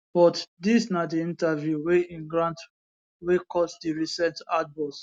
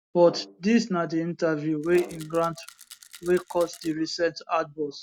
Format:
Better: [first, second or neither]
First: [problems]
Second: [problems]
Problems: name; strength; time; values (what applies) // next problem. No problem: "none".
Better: first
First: none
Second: background sound (Brass instrument + Rattle); 20 dB below the speech